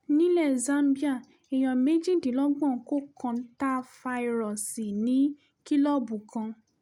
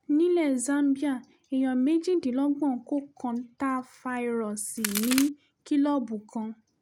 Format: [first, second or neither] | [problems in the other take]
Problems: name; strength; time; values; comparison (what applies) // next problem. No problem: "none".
first | background sound (Crack); 4 dB below the speech